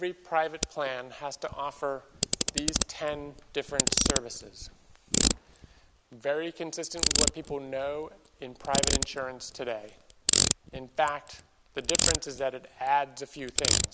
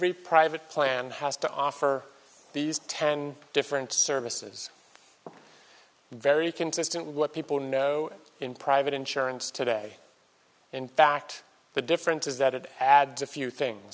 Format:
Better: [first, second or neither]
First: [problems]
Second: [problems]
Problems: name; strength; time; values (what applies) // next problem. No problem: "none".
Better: second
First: background sound (Ratchet, pawl); 3 dB above the speech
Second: none